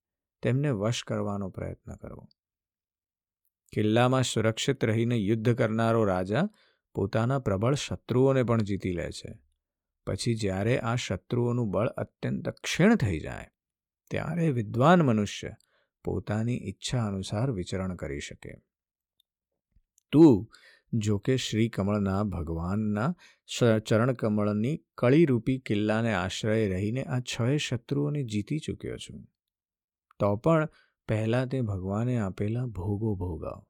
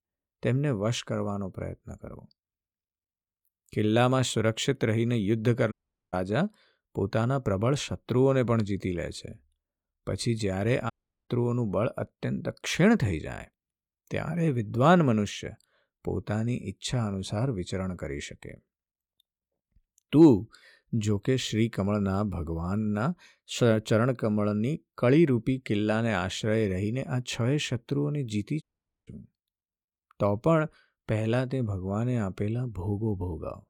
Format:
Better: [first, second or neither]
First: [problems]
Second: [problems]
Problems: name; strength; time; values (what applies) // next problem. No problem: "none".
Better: first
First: none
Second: audio cutting out; at 5.5 s, at 11 s and at 29 s